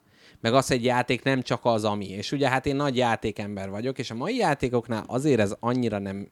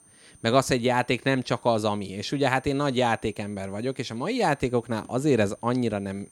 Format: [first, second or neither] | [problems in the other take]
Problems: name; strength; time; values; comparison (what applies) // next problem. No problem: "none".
first | high-pitched whine; faint; throughout; 9 kHz, 30 dB below the speech